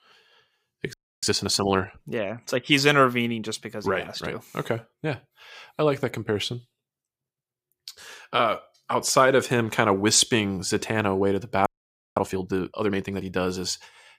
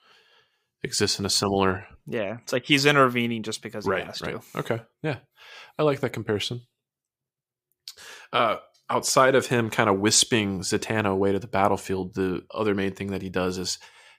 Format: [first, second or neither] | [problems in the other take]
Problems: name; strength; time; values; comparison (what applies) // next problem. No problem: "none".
second | audio freezing; at 1 s and at 12 s for 0.5 s